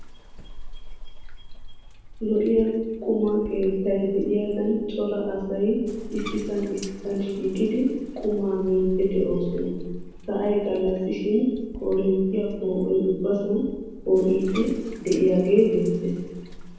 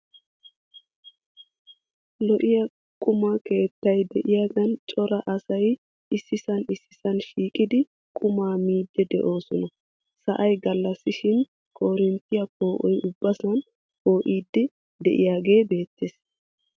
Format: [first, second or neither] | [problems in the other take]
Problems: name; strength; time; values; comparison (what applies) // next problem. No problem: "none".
second | background sound (Bathtub (filling or washing)); 13 dB below the speech // room echo; dies away in 1.1 s